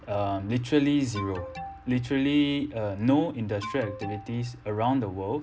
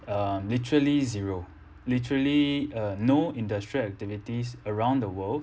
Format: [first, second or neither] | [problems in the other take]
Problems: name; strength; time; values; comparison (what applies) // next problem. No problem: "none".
second | background sound (Alarm); 14 dB below the speech